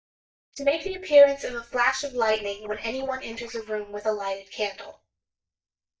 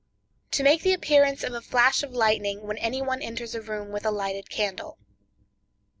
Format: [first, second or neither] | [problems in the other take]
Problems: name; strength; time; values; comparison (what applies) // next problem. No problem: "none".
second | noise reduction (neural mask model DeepFilterNet 3)